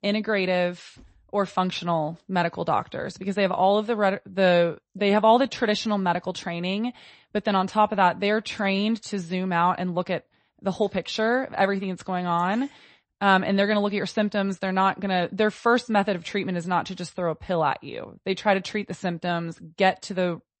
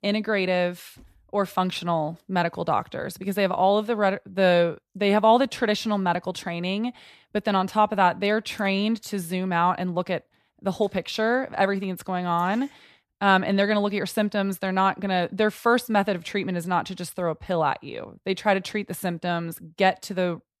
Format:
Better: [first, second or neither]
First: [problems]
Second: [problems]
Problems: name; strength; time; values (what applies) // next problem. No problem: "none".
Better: second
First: garbled, watery; slightly; nothing above 8 kHz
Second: none